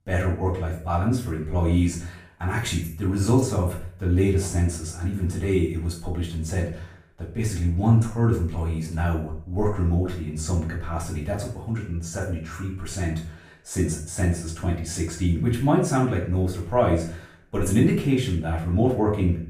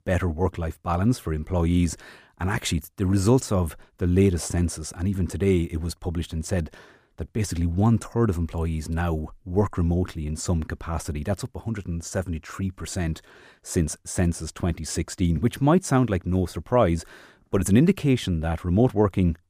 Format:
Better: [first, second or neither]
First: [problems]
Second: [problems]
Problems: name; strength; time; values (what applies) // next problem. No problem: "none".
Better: second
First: room echo; noticeable; dies away in 0.5 s // off-mic speech; far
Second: none